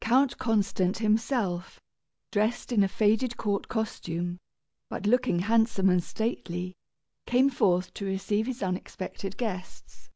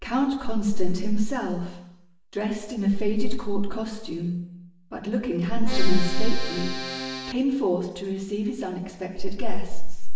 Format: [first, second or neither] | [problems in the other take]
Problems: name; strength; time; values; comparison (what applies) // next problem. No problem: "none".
first | background sound (Accordion); 11 dB below the speech // room echo; dies away in 0.9 s